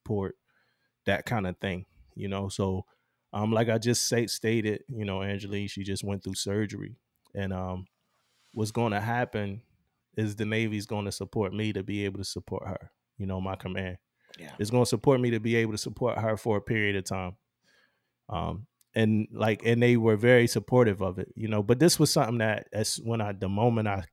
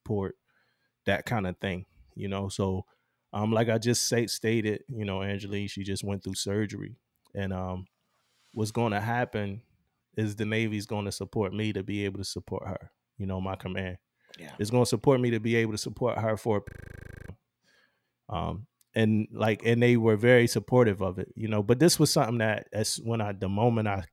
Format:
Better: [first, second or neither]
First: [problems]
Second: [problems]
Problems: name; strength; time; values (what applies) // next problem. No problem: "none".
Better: first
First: none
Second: audio freezing; at 17 s for 0.5 s